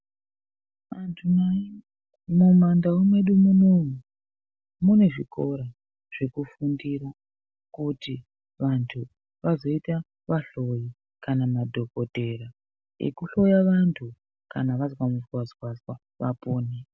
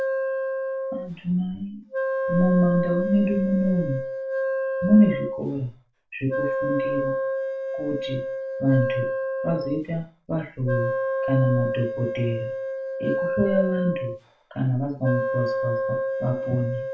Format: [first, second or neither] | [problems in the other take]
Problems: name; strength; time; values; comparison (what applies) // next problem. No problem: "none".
first | background sound (Wind instrument, woodwind instrument); 2 dB below the speech // room echo; dies away in 0.3 s